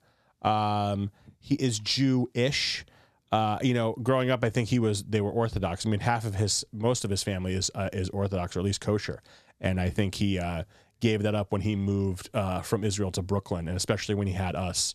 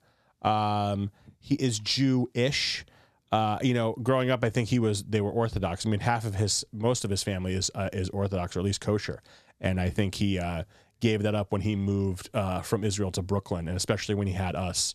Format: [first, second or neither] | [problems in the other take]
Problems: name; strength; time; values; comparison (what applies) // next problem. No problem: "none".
neither | none